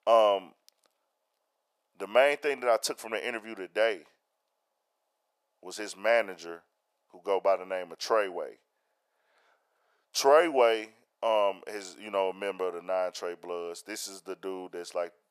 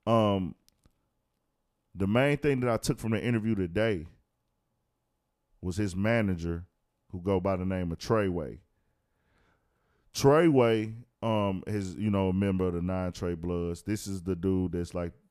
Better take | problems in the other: second | thin; very; fading below 500 Hz

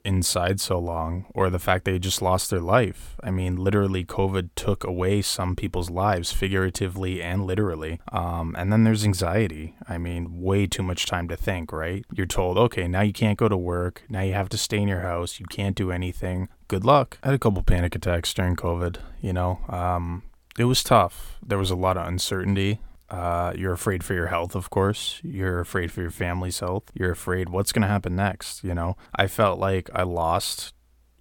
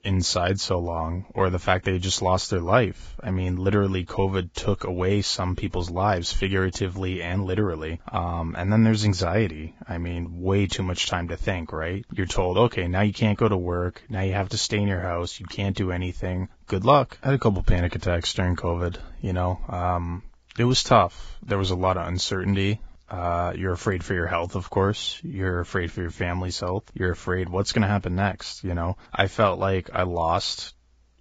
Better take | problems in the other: first | garbled, watery; badly; nothing above 7.5 kHz

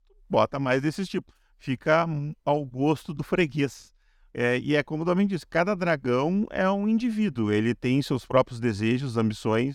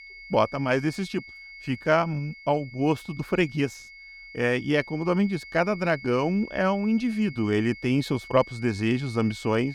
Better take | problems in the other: first | high-pitched whine; noticeable; throughout; 2 kHz, 15 dB below the speech

